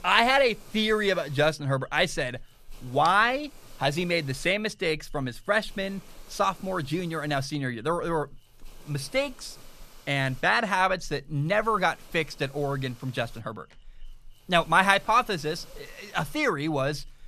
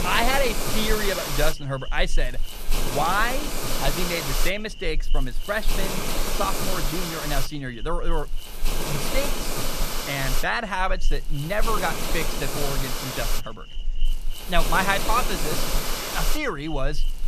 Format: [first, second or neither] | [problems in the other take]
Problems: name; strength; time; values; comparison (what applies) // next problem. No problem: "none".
first | hiss; loud; throughout; 1 dB below the speech; faint in the first